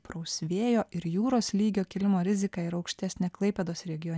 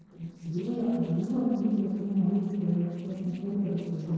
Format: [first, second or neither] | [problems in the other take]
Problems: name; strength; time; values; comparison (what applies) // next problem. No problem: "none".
first | noise reduction (neural separator model SepFormer DNS4)